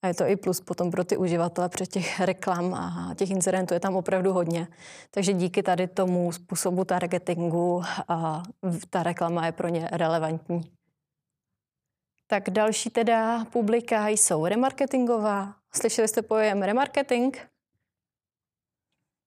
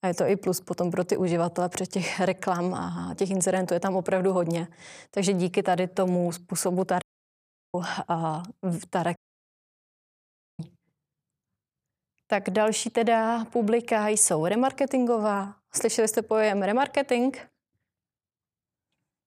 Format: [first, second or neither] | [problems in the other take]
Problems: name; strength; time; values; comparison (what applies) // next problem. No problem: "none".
first | audio cutting out; at 7 s for 0.5 s and at 9 s for 1.5 s